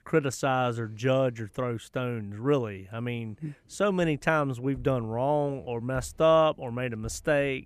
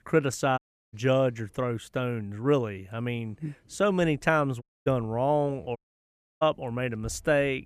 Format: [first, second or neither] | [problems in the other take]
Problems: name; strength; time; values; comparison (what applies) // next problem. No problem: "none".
first | audio cutting out; at 0.5 s, at 4.5 s and at 6 s for 0.5 s